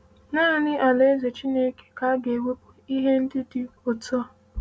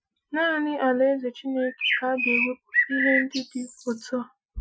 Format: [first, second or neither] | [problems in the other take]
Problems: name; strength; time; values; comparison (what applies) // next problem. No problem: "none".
first | noise reduction (classical method Wiener filter)